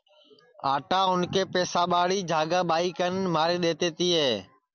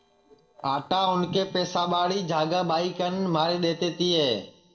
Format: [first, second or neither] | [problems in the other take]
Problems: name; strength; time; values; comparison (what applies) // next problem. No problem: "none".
first | noise reduction (neural separator model SepFormer DNS4)